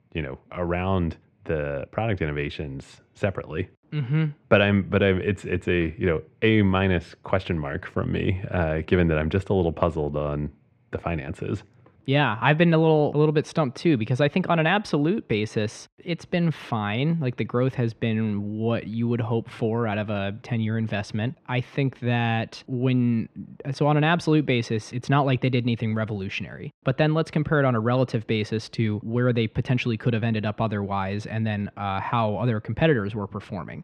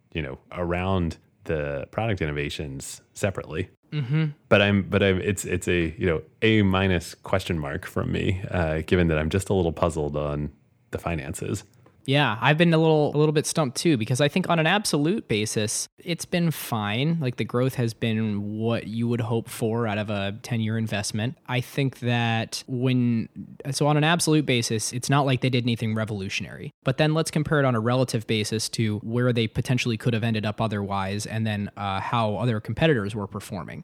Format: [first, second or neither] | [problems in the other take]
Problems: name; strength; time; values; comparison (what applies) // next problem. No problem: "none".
second | muffled; slightly; fading above 3 kHz